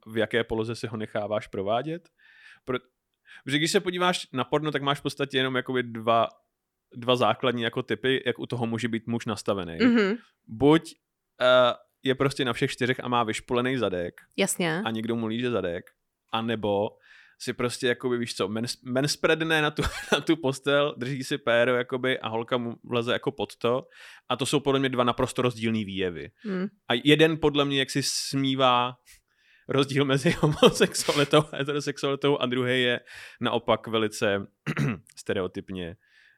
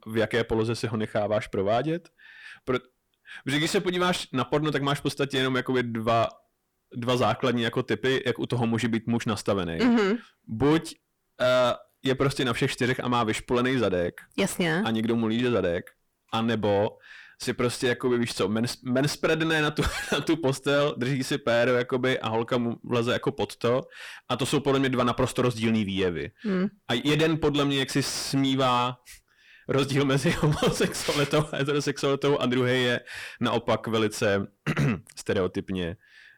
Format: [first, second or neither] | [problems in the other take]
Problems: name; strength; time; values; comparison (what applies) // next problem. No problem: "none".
first | distortion; heavy; 7 dB below the speech